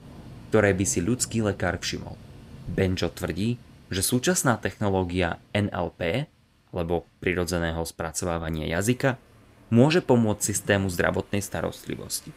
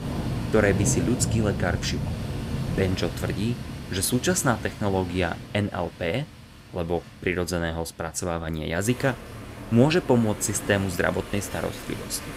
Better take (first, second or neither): first